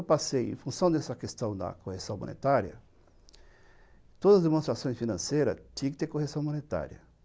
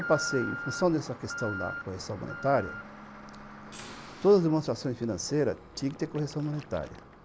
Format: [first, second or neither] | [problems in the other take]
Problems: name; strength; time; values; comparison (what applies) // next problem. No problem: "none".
first | background sound (Alarm); 11 dB below the speech